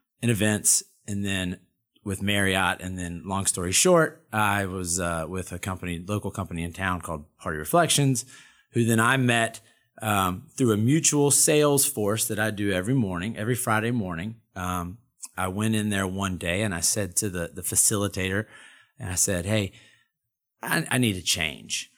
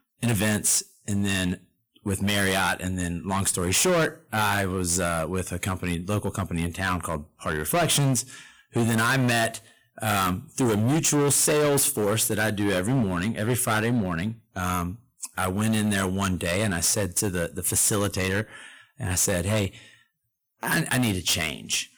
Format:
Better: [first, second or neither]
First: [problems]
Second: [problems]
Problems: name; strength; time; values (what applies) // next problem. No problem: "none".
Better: first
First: none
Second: distortion; heavy; 14% of the sound clipped